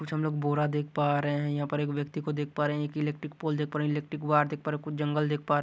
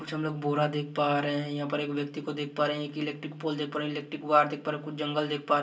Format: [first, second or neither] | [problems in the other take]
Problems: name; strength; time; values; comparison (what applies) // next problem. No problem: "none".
first | room echo; dies away in 0.2 s